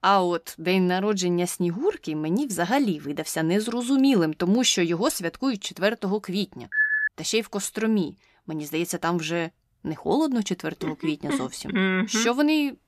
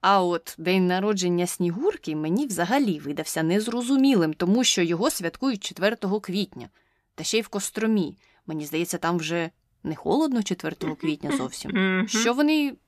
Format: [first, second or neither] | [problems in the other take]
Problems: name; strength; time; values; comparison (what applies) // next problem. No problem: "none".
second | phone ringing; loud; at 6.5 s; peak 3 dB above the speech